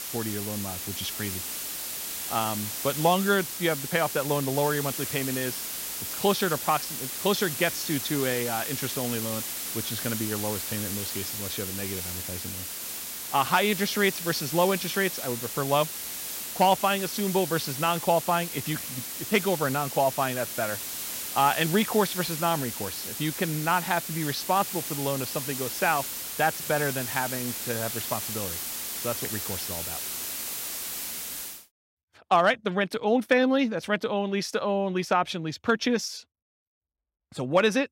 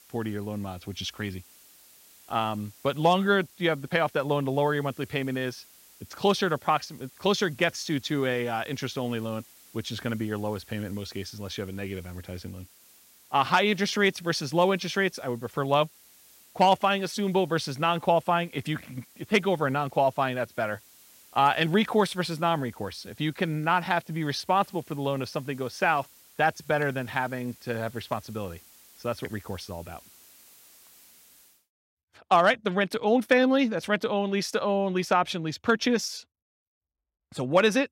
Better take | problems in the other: second | hiss; loud; until 32 s; 4 dB below the speech; faint in the second

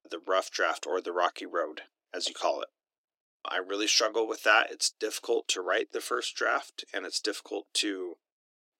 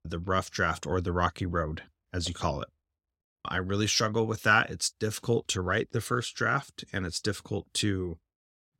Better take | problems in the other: second | thin; very; fading below 300 Hz

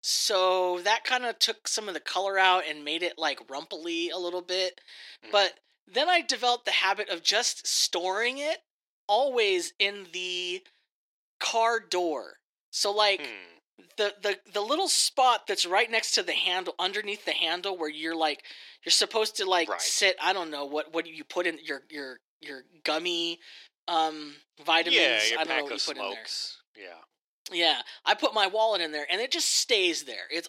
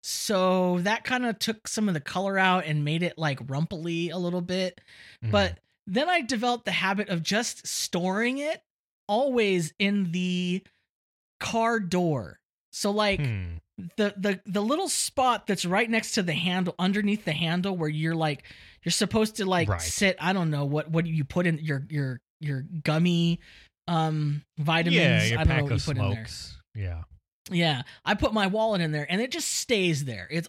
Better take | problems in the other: second | thin; very; fading below 350 Hz

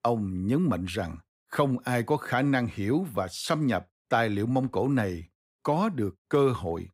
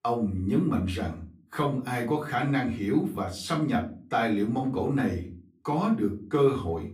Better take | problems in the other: first | off-mic speech; far // room echo; very slight; dies away in 0.3 s

